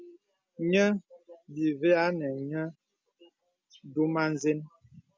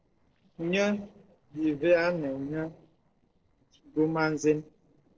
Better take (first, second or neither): first